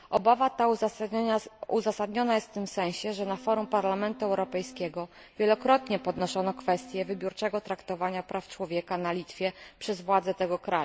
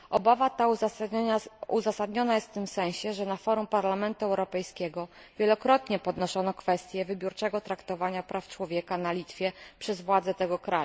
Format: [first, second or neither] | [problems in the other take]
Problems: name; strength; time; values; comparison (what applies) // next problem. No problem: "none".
second | background sound (Wind instrument, woodwind instrument); 18 dB below the speech